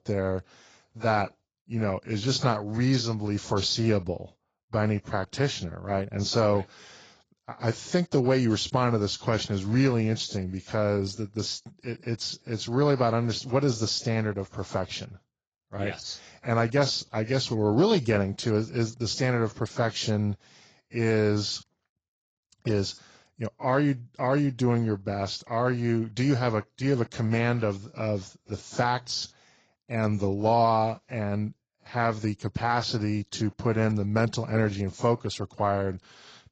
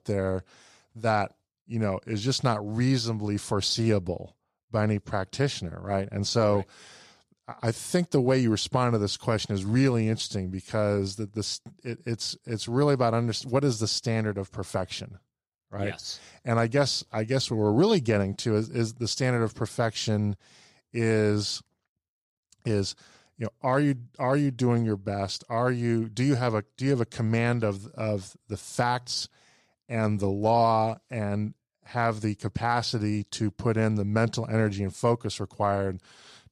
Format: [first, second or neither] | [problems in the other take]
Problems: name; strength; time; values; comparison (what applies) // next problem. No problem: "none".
second | garbled, watery; badly; nothing above 7.5 kHz